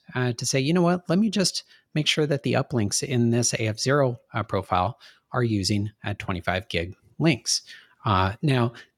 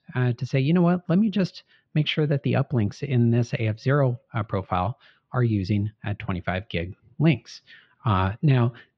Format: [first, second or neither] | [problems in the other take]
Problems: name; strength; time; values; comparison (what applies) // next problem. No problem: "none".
first | muffled; very; fading above 3.5 kHz